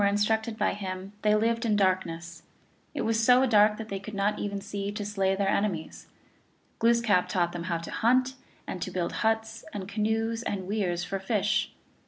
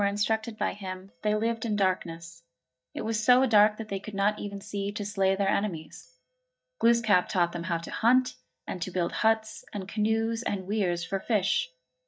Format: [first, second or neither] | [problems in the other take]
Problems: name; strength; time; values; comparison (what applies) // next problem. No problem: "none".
first | noise reduction (neural mask model DeepFilterNet 3)